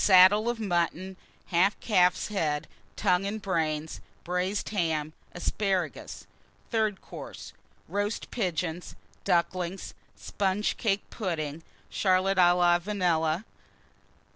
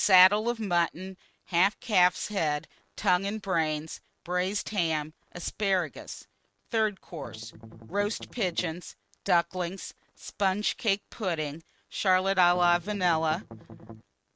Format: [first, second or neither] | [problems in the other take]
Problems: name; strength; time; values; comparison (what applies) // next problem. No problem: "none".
first | noise reduction (neural mask model RNNoise)